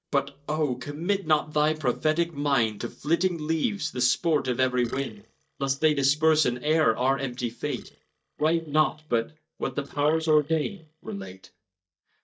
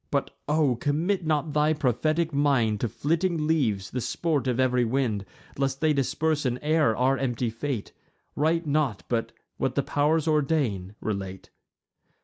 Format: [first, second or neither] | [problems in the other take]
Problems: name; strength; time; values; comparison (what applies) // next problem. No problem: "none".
second | noise reduction (neural mask model DeepFilterNet 3)